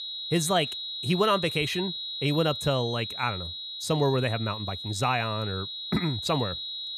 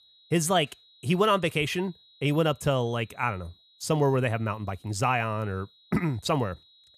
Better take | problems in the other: second | high-pitched whine; loud; throughout; 4 kHz, 5 dB below the speech; faint in the second

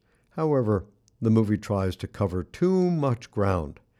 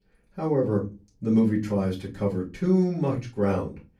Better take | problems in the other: first | off-mic speech; far // room echo; very slight; dies away in 0.2 s

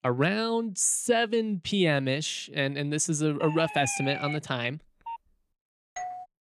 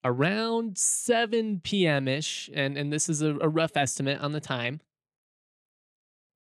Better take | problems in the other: second | siren; noticeable; at 3.5 s; peak 7 dB below the speech // phone ringing; faint; at 5 s; peak 15 dB below the speech // doorbell; faint; at 6 s; peak 10 dB below the speech

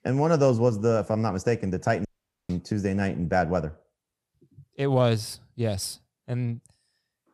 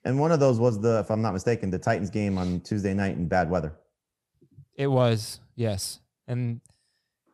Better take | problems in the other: second | audio cutting out; at 2 s

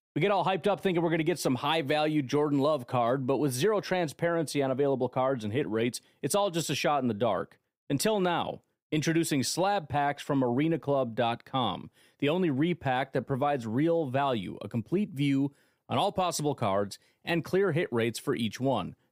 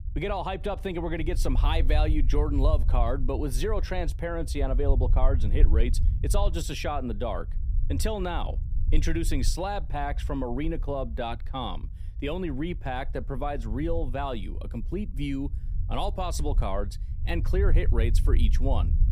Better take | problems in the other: first | low rumble; noticeable; throughout; 15 dB below the speech

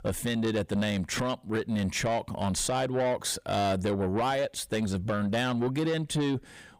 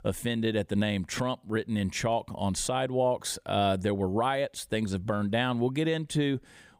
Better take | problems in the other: second | distortion; slight; 10 dB below the speech

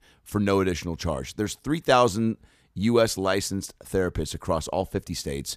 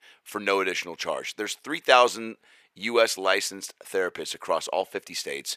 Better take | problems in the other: first | thin; very; fading below 500 Hz

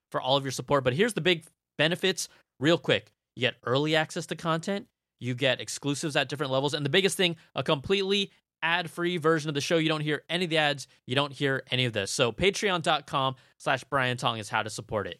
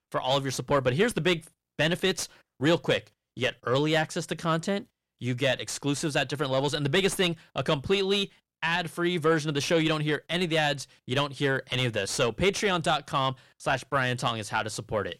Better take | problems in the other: first | distortion; slight; 10 dB below the speech

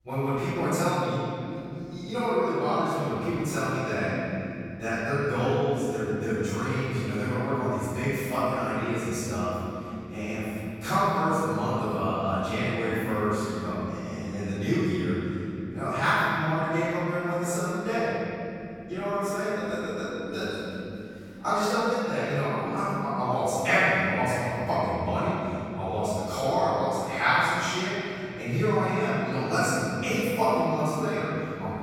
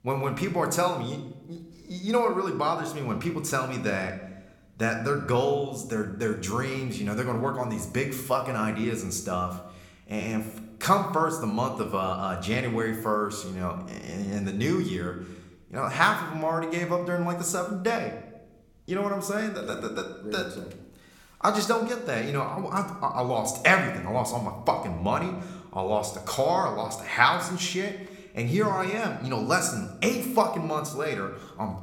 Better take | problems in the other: second | room echo; strong; dies away in 3 s; slight in the second // off-mic speech; far

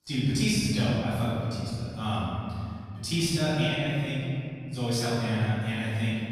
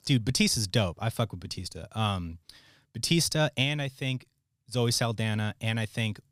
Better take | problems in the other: second | off-mic speech; far // room echo; strong; dies away in 2.6 s

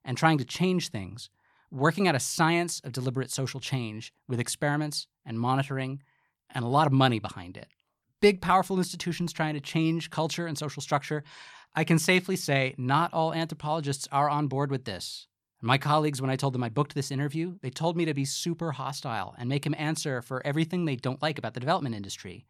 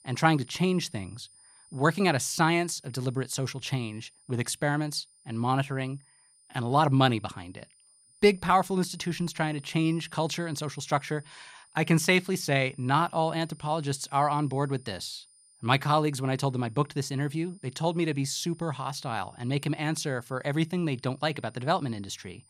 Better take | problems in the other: first | high-pitched whine; faint; throughout; 9 kHz, 25 dB below the speech

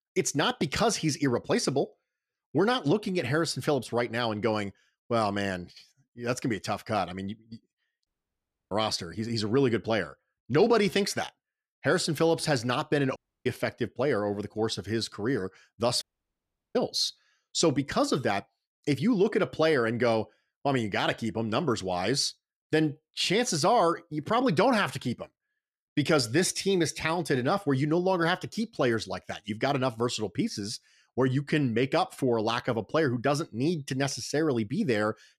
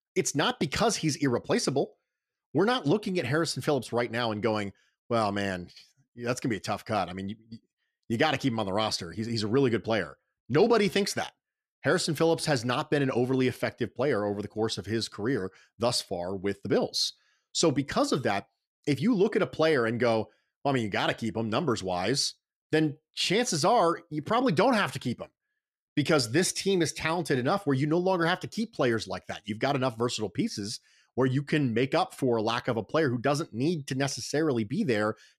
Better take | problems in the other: second | audio cutting out; at 8 s for 0.5 s, at 13 s and at 16 s for 0.5 s

